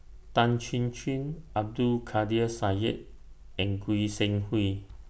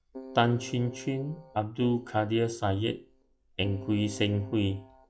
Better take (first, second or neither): first